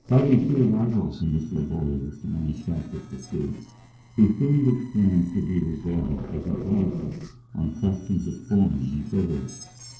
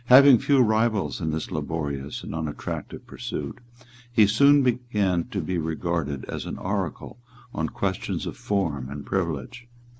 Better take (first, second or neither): second